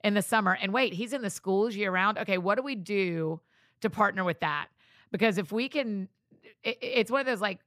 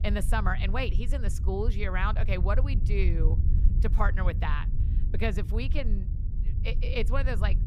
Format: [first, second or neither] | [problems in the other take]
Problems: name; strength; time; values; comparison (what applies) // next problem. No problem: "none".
first | low rumble; noticeable; throughout; 15 dB below the speech